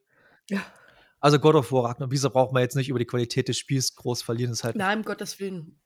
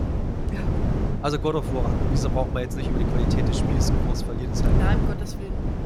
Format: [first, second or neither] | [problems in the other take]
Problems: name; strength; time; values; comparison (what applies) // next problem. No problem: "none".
first | wind noise on the microphone; heavy; 1 dB below the speech